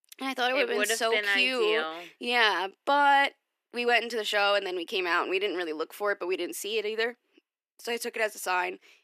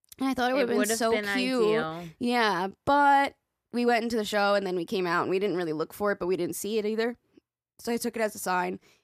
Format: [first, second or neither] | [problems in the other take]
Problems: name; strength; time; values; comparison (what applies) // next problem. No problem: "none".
second | thin; somewhat; fading below 300 Hz